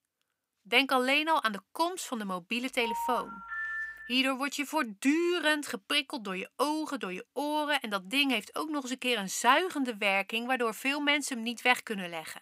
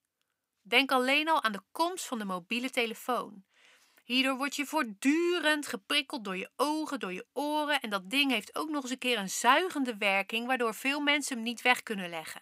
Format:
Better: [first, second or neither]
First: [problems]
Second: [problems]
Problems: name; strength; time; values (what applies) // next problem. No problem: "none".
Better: second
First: phone ringing; noticeable; from 3 to 4 s; peak 4 dB below the speech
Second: none